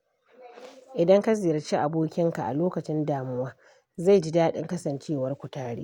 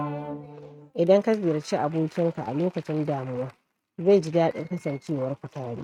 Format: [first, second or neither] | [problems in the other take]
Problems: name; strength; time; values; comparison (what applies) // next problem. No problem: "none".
first | noise reduction (neural mask model RNNoise)